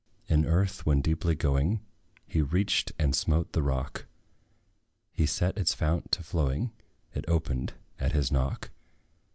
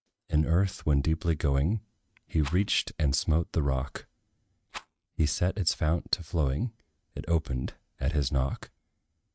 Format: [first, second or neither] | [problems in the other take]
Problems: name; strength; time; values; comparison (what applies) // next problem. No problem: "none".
first | noise reduction (neural mask model RNNoise)